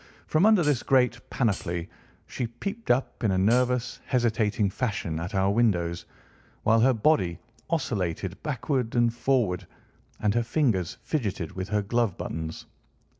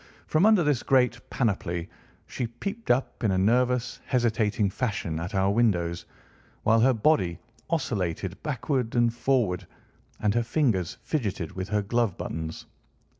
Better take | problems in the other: second | background sound (Hi-hat); 18 dB below the speech

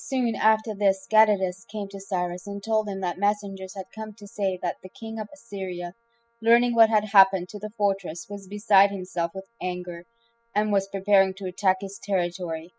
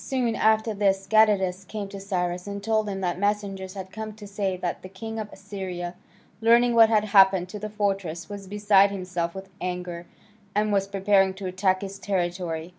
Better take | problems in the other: second | noise reduction (classical method spectral subtraction)

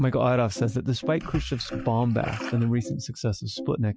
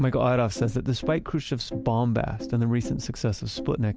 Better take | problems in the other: second | noise reduction (classical method Wiener filter)

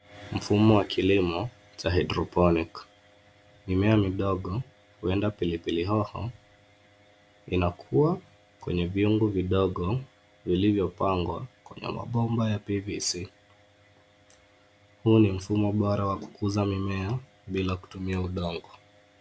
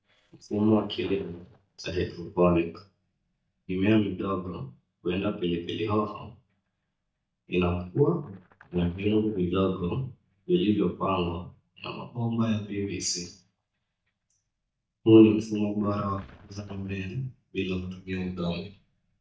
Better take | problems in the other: first | noise reduction (neural mask model DeepFilterNet 3)

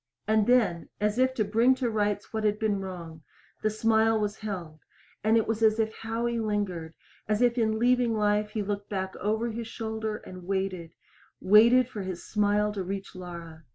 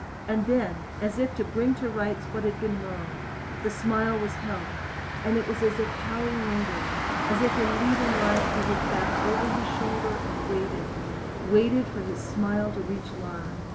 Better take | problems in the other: first | background sound (Motor vehicle (road)); 2 dB below the speech

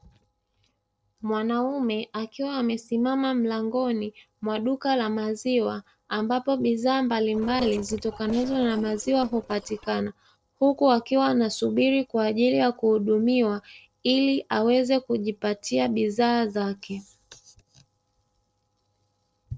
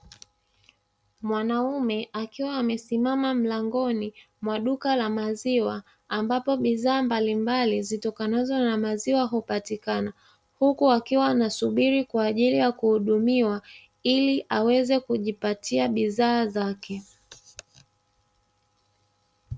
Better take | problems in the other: second | noise reduction (neural separator model SepFormer DNS4)

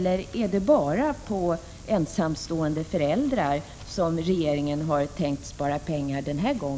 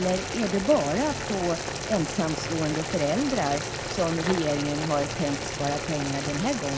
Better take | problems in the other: first | background sound (Boiling); 5 dB below the speech

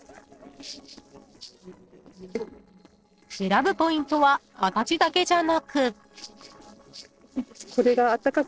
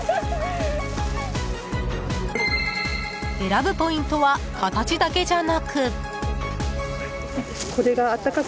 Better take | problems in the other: second | noise reduction (neural separator model SepFormer DNS4)

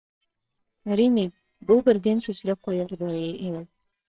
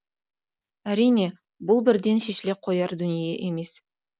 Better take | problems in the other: second | noise reduction (neural separator model SepFormer WHAMR!)

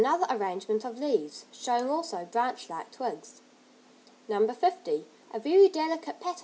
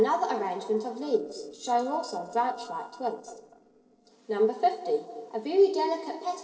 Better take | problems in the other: first | noise reduction (neural separator model SepFormer DNS4)

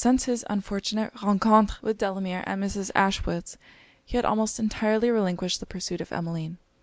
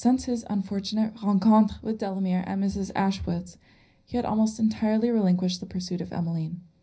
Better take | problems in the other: first | room echo; dies away in 0.5 s

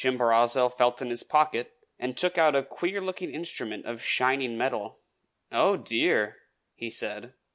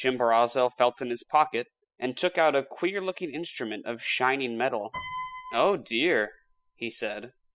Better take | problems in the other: first | noise reduction (classical method spectral subtraction)

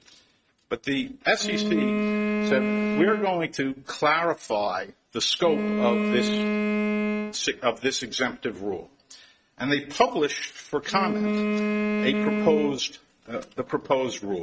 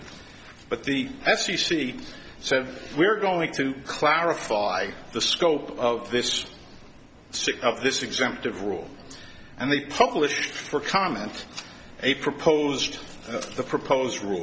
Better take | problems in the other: second | noise reduction (neural mask model RNNoise)

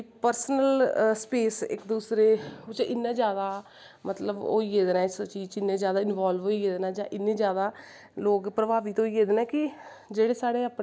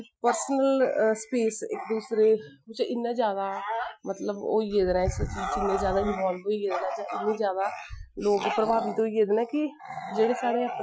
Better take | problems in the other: first | noise reduction (classical method Wiener filter)

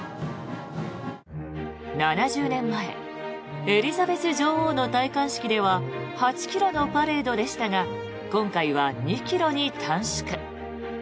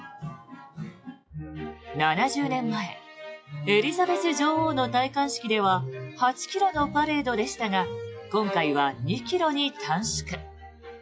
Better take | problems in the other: first | noise reduction (classical method log-MMSE)

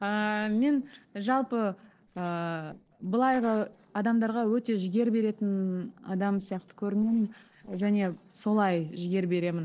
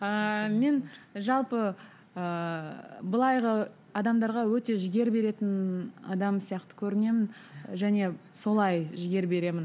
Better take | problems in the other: second | noise reduction (neural separator model SepFormer DNS4)

